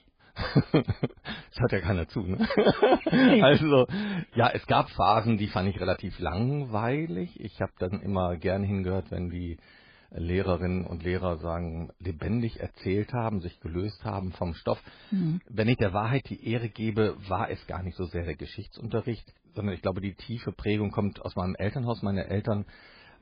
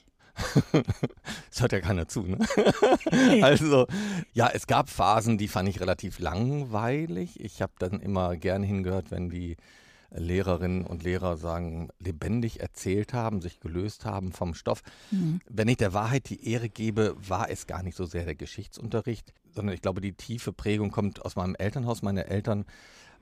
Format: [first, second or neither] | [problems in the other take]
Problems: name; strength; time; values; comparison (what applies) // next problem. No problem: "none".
second | garbled, watery; badly; nothing above 4 kHz